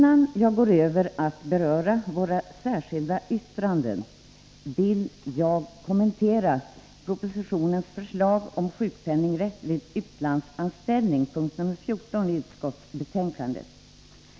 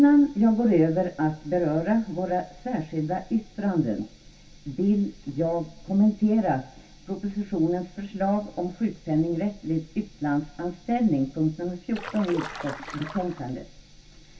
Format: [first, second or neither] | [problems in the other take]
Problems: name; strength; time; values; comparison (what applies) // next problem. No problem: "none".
first | background sound (Stream); 12 dB below the speech // room echo; dies away in 0.2 s